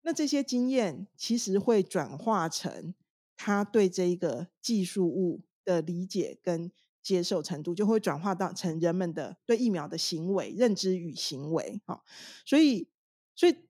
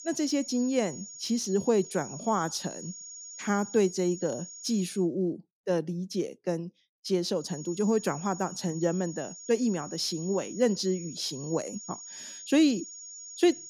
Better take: first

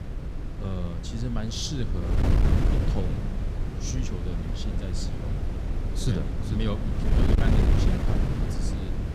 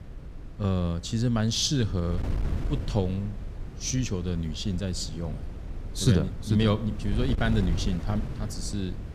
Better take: second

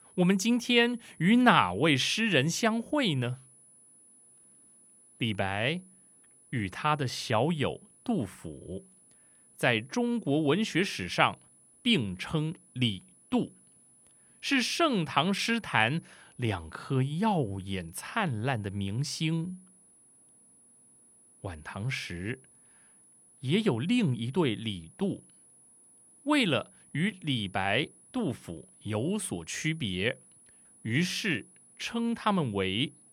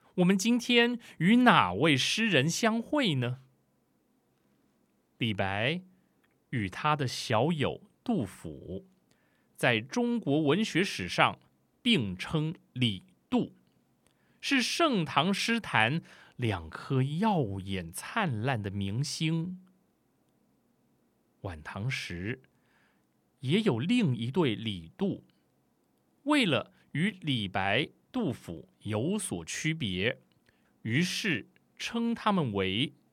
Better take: second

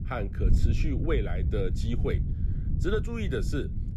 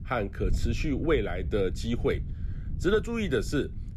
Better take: second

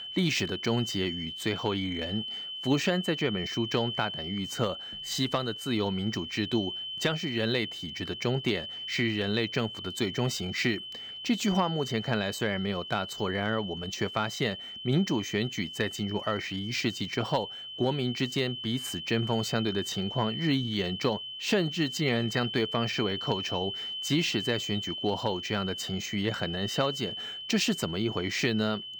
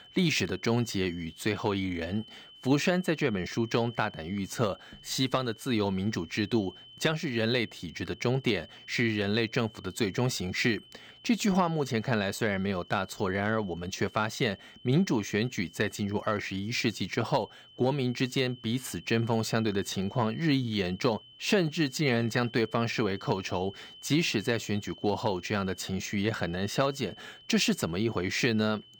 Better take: second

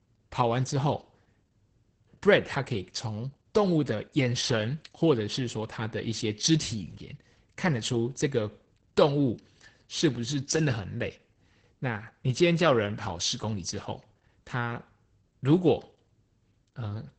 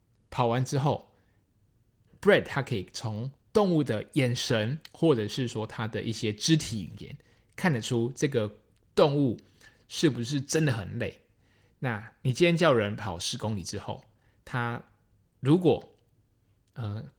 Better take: second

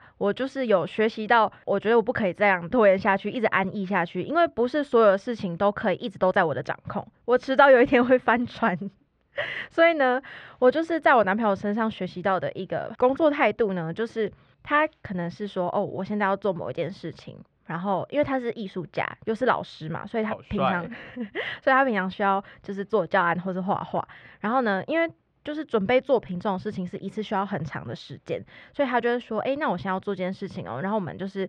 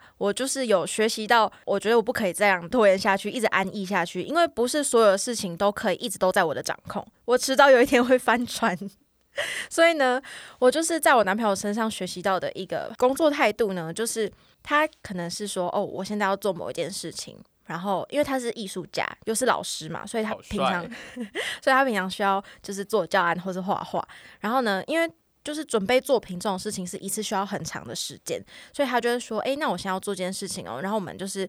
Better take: second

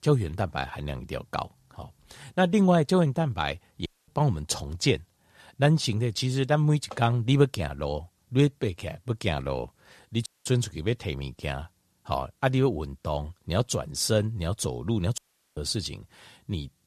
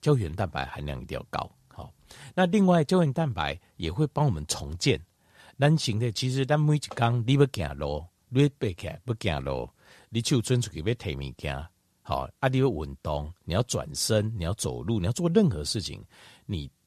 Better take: second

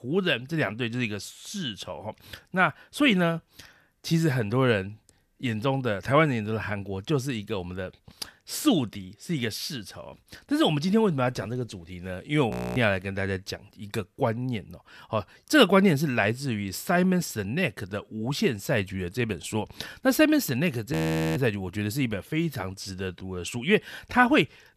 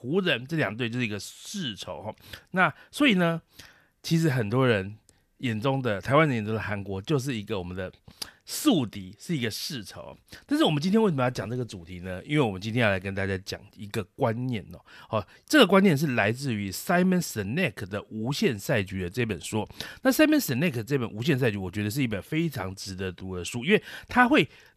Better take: second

